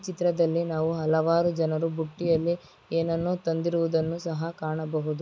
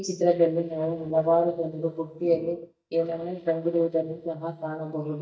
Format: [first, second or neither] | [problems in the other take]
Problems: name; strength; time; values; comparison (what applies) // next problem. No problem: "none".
first | noise reduction (neural mask model DeepFilterNet 3)